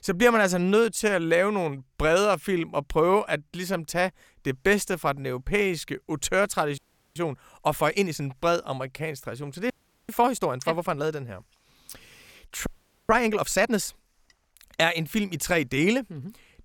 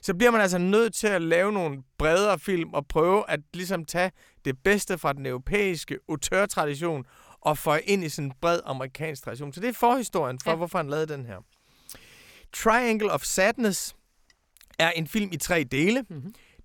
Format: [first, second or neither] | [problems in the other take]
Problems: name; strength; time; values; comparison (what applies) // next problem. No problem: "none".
second | audio freezing; at 7 s, at 9.5 s and at 13 s